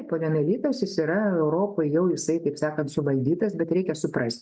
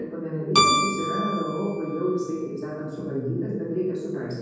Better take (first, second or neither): first